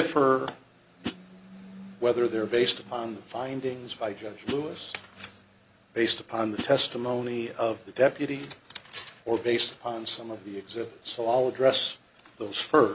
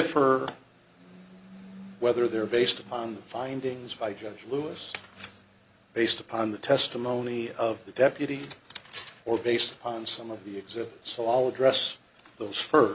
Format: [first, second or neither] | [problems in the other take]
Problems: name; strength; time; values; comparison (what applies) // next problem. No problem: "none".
second | background sound (Hi-hat); 8 dB below the speech